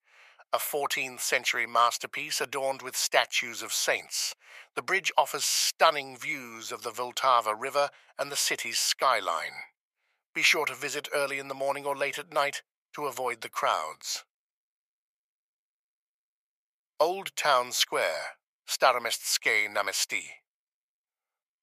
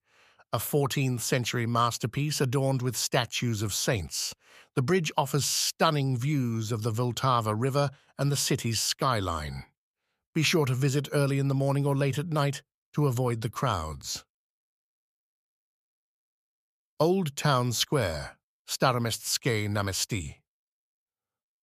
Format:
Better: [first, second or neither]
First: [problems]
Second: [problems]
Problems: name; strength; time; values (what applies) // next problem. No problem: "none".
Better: second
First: thin; very; fading below 750 Hz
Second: none